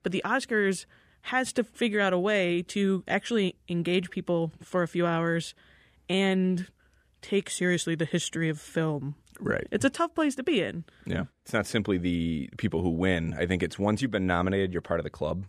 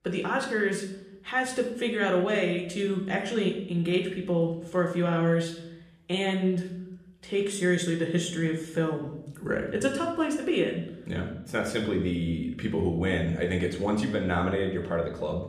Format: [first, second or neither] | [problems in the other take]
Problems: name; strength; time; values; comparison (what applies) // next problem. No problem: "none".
first | room echo; slight; dies away in 0.7 s // off-mic speech; somewhat distant